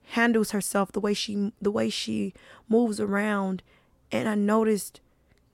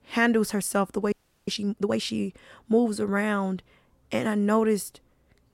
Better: first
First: none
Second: audio freezing; at 1 s

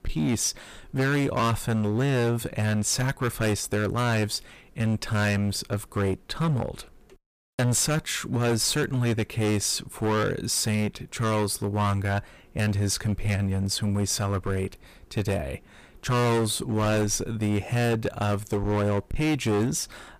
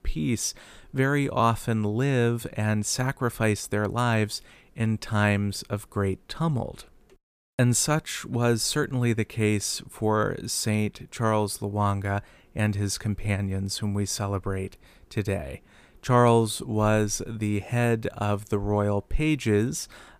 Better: second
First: distortion; heavy; 16% of the sound clipped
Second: none

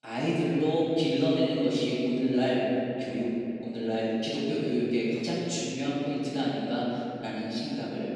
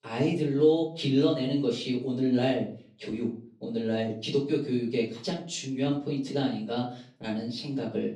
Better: second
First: room echo; strong; dies away in 2.8 s // off-mic speech; far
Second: room echo; slight; dies away in 0.5 s // off-mic speech; far

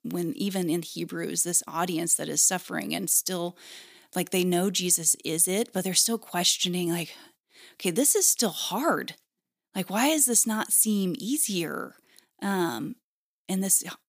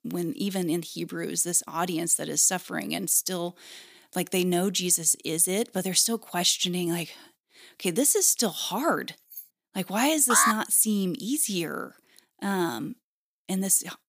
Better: first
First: none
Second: jangling keys; faint; at 9.5 s; peak 20 dB below the speech // alarm; loud; at 10 s; peak 1 dB above the speech

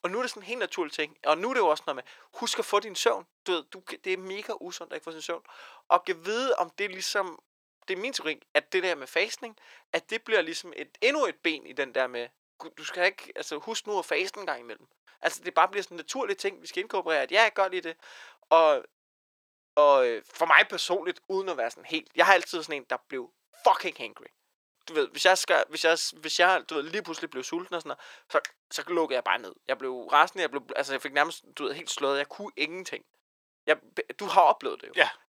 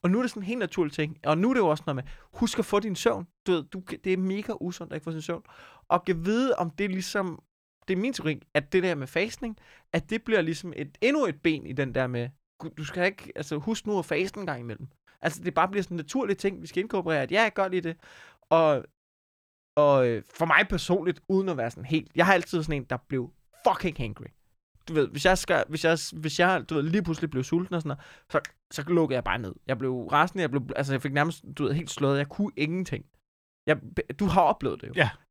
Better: second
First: thin; very; fading below 450 Hz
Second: none

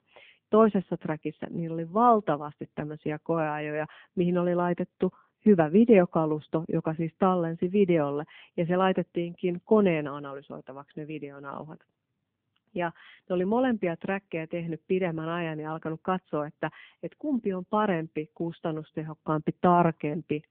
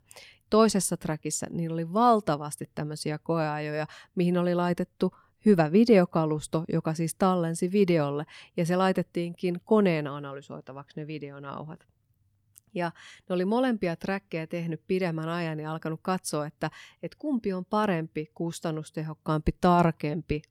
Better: second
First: phone-call audio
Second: none

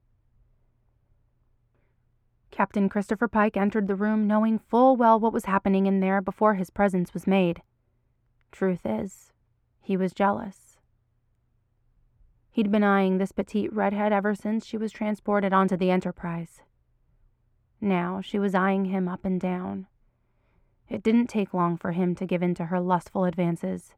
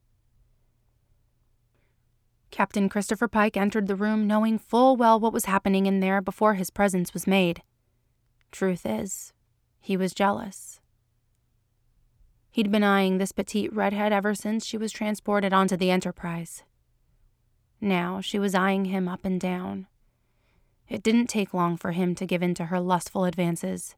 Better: second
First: muffled; slightly; fading above 3 kHz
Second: none

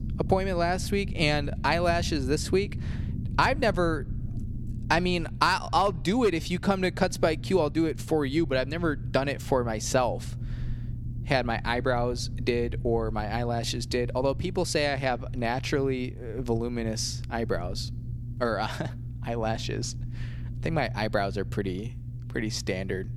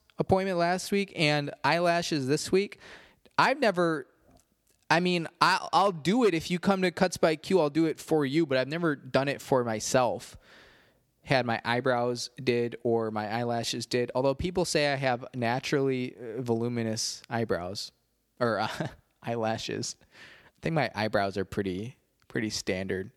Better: second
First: low rumble; faint; throughout; 20 dB below the speech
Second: none

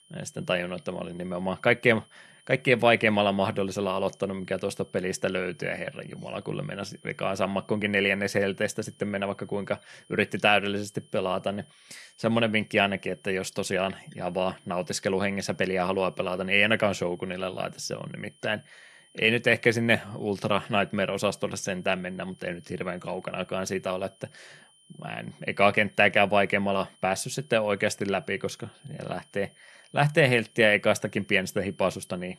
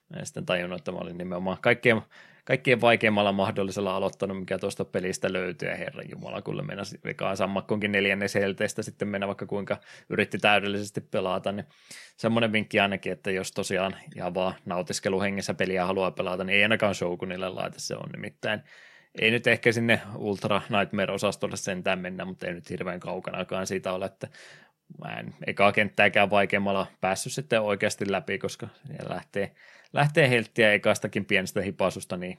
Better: second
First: high-pitched whine; faint; throughout; 3 kHz, 30 dB below the speech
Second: none

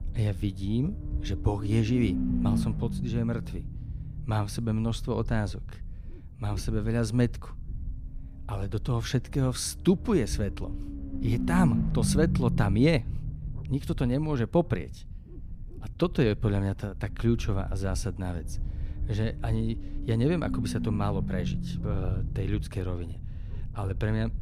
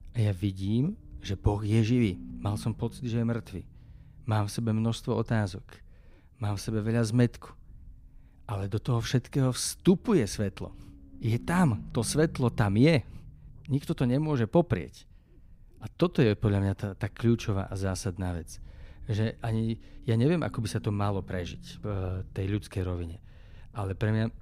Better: second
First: low rumble; loud; throughout; 8 dB below the speech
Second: low rumble; faint; throughout; 25 dB below the speech

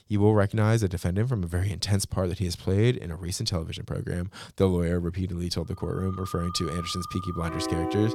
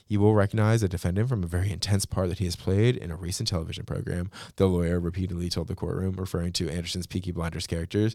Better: second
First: background music; loud; from 6.5 s on; 8 dB below the speech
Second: none

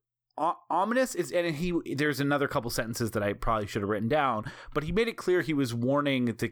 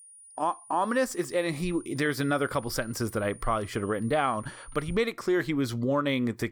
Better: first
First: none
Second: high-pitched whine; noticeable; until 5 s; 9.5 kHz, 20 dB below the speech

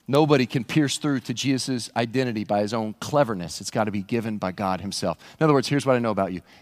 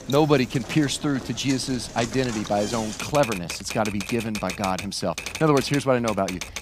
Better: first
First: none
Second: household noises; loud; throughout; 9 dB below the speech

